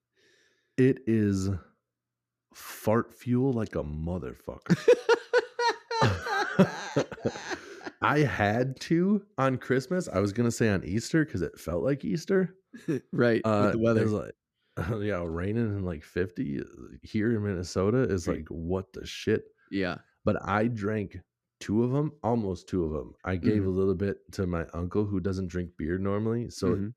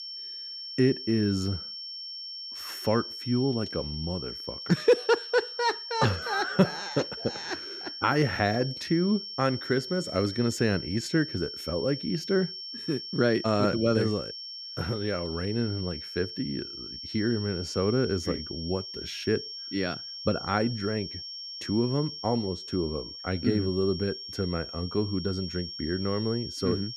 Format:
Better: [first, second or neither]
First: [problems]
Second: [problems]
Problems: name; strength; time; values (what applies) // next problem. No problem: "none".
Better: first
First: none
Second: high-pitched whine; loud; throughout; 5.5 kHz, 8 dB below the speech